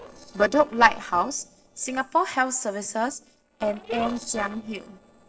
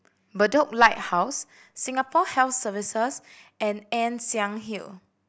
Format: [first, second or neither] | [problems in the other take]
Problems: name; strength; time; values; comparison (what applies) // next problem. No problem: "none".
second | noise reduction (neural separator model SepFormer DNS4)